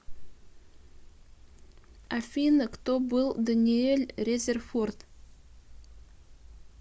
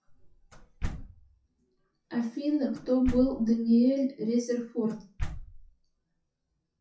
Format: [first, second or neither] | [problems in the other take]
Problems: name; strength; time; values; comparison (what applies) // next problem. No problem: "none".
first | noise reduction (classical method WPE with log-MMSE)